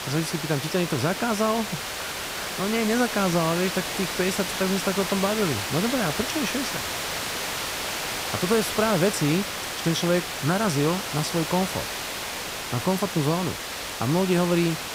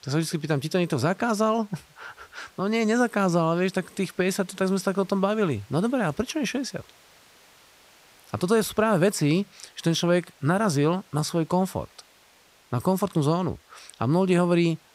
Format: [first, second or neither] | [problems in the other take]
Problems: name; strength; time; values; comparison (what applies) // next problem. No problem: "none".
second | hiss; loud; throughout; 3 dB below the speech; faint in the second